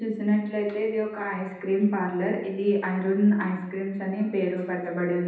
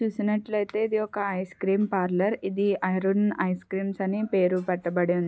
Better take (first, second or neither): second